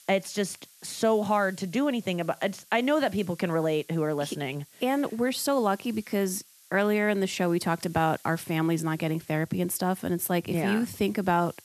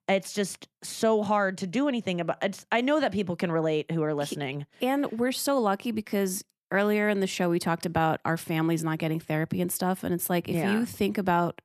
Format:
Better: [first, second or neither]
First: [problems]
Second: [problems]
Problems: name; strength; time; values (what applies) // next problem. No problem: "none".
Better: second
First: hiss; faint; throughout; 25 dB below the speech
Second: none